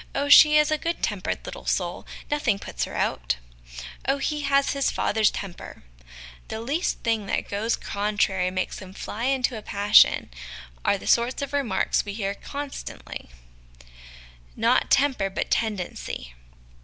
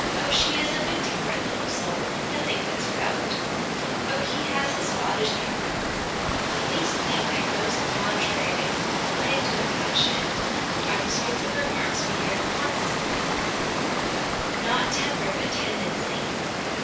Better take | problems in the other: first | background sound (Water); 5 dB above the speech // room echo; dies away in 0.6 s

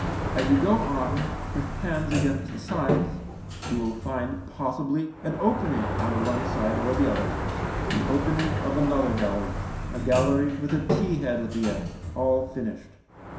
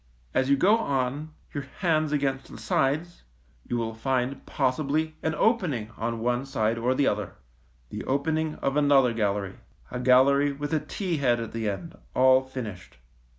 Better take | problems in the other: second | background sound (Sliding door); 2 dB below the speech // room echo; dies away in 0.7 s

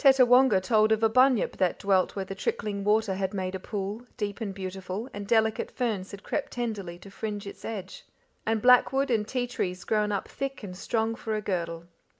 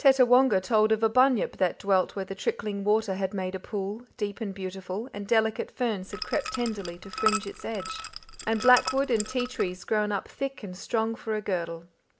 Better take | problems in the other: first | background sound (Liquid); 8 dB below the speech

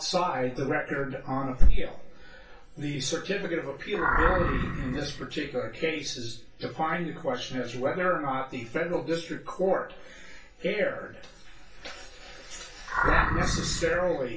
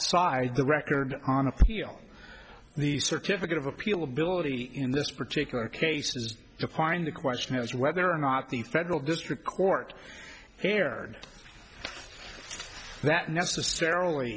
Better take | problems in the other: second | background sound (Animal); as loud as the speech // room echo; dies away in 0.2 s

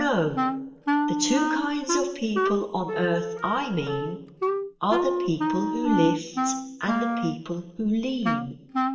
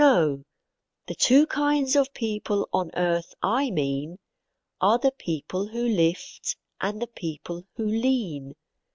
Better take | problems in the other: second | background sound (Wind instrument, woodwind instrument); as loud as the speech // room echo; dies away in 1.1 s

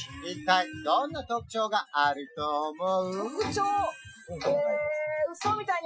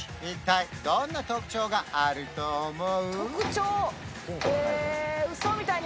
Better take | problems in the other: second | noise reduction (classical method Wiener filter)

